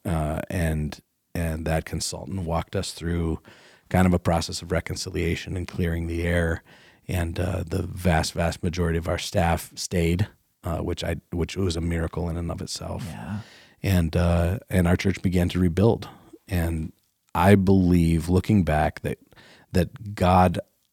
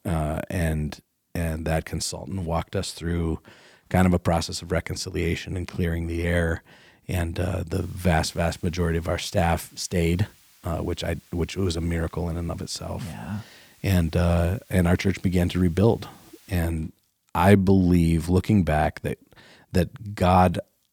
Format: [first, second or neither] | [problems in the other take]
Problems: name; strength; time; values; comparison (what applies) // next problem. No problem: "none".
first | hiss; faint; from 8 to 17 s; 30 dB below the speech